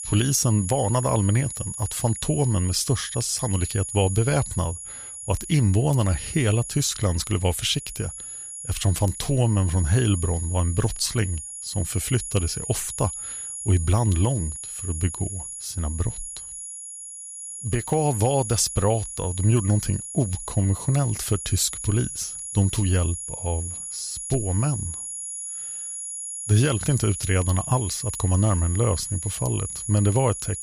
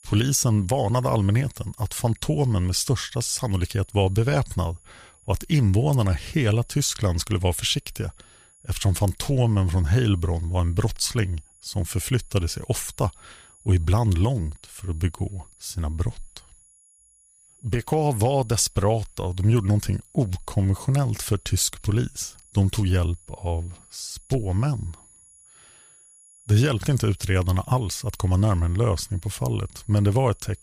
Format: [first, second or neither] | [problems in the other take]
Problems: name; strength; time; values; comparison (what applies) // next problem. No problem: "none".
second | high-pitched whine; loud; throughout; 10.5 kHz, 7 dB below the speech; faint in the second